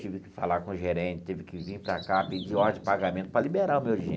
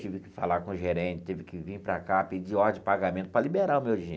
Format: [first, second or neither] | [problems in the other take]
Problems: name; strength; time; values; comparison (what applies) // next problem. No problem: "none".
second | background sound (Bird vocalization, bird call, bird song); 13 dB below the speech